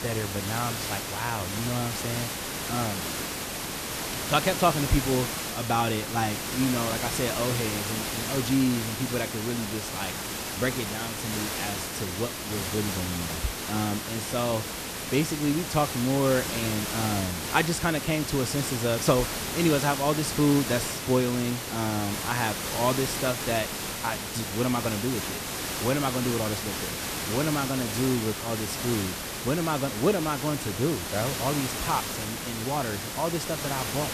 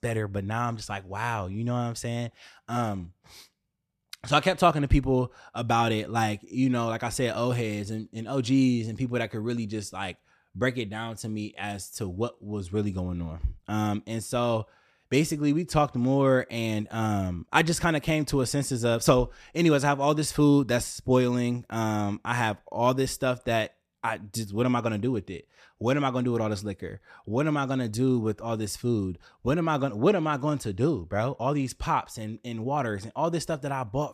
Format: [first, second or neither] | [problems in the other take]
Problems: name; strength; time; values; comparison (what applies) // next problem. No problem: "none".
second | hiss; loud; throughout; 2 dB below the speech